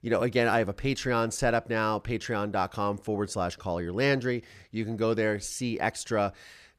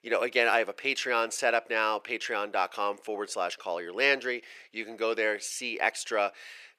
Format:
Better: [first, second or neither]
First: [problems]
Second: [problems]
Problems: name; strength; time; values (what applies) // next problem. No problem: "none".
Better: first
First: none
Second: thin; very; fading below 400 Hz